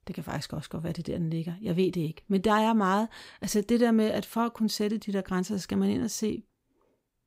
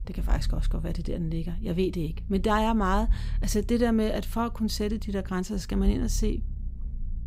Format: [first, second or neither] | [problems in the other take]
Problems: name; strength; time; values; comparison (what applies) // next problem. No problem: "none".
first | low rumble; faint; throughout; 25 dB below the speech